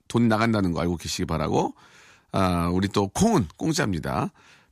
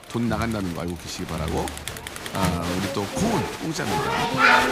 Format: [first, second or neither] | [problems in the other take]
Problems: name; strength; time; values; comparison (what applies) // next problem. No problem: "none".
first | crowd noise; very loud; throughout; 3 dB above the speech